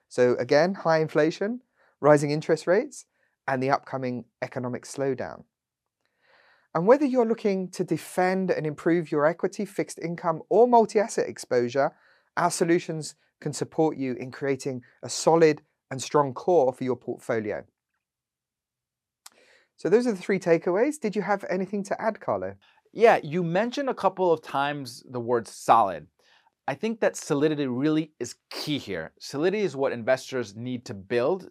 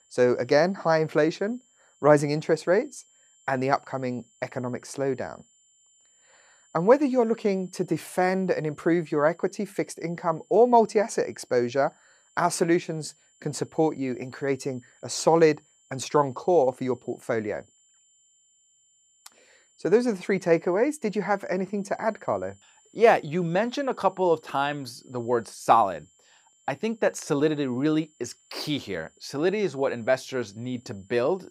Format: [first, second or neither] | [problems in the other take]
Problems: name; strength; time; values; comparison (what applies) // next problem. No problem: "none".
first | high-pitched whine; faint; throughout; 7 kHz, 35 dB below the speech